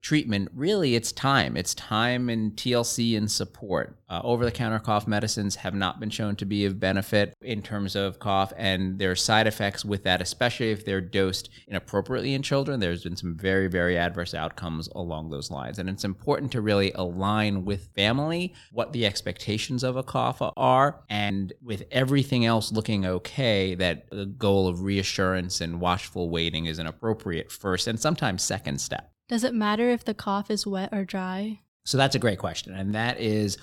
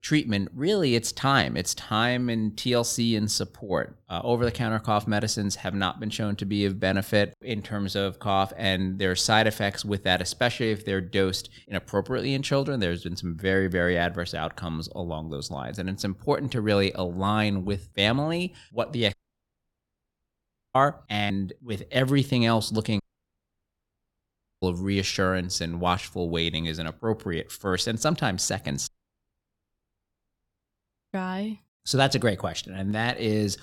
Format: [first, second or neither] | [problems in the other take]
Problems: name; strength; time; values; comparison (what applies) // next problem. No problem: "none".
first | audio cutting out; at 19 s for 1.5 s, at 23 s for 1.5 s and at 29 s for 2.5 s